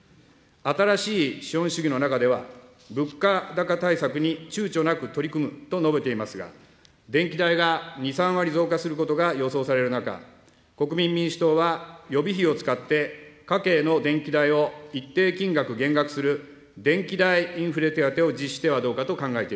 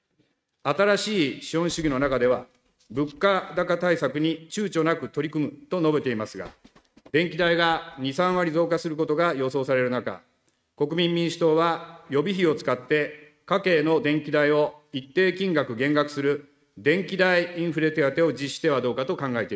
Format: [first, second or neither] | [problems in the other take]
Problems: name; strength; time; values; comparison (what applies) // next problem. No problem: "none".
first | noise reduction (neural mask model RNNoise)